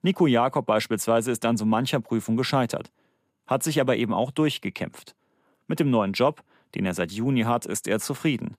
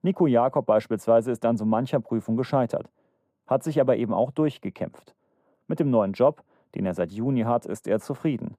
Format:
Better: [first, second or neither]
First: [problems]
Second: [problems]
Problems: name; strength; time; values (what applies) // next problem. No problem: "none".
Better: first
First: none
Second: muffled; very; fading above 1.5 kHz